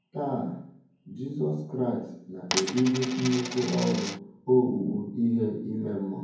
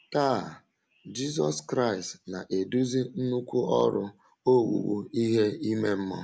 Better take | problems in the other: second | background sound (Coin (dropping)); 6 dB below the speech // room echo; dies away in 0.9 s

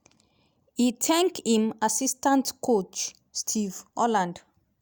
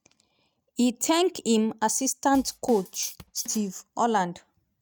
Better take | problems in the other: first | noise reduction (neural mask model RNNoise)

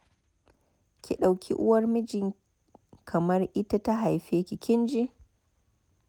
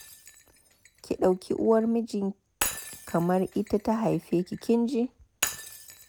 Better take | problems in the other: first | background sound (Shatter); 12 dB below the speech

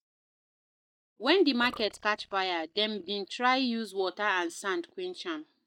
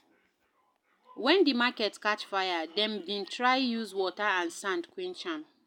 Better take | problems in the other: second | noise reduction (neural mask model DeepFilterNet 3)

